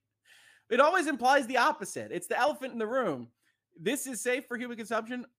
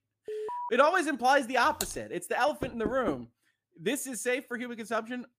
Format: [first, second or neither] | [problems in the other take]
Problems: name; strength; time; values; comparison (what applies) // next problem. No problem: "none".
first | alarm; noticeable; at 0.5 s; peak 7 dB below the speech // keyboard typing; noticeable; at 2 s; peak 8 dB below the speech // door banging; noticeable; at 2.5 s; peak 8 dB below the speech